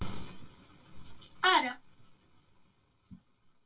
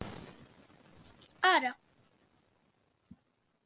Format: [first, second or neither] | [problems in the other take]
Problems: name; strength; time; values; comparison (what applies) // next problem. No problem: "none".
second | room echo; dies away in 0.2 s